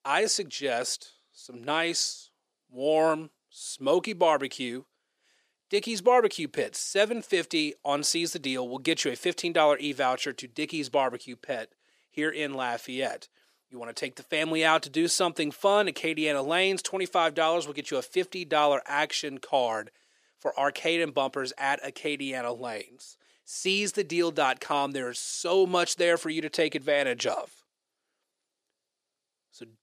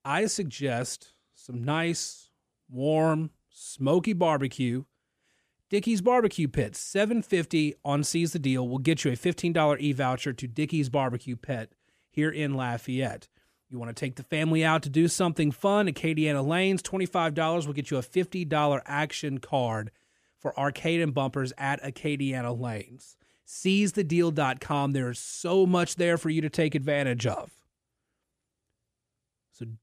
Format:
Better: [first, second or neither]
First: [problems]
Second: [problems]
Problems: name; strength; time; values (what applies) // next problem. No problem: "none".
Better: second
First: thin; somewhat; fading below 450 Hz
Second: none